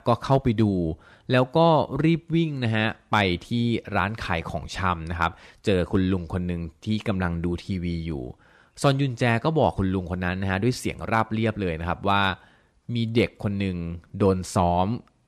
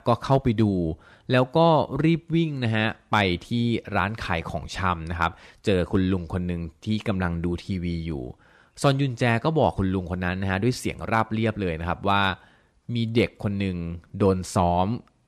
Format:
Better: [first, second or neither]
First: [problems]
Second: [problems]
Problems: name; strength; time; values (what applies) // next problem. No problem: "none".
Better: neither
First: none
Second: none